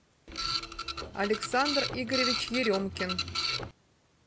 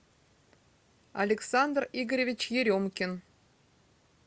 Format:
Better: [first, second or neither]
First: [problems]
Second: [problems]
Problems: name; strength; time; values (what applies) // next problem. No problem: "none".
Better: second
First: background sound (Printer); 1 dB below the speech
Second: none